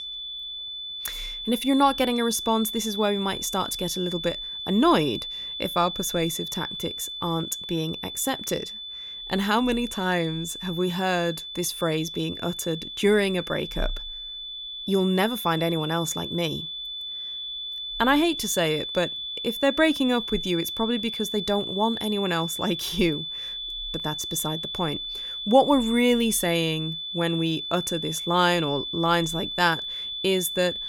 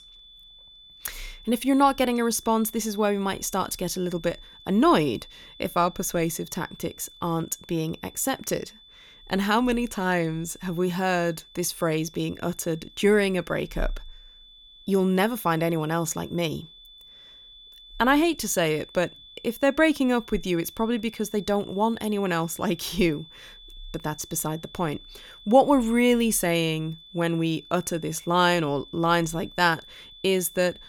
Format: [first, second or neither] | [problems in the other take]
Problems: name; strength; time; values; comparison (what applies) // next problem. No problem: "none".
second | high-pitched whine; loud; throughout; 3.5 kHz, 6 dB below the speech; faint in the second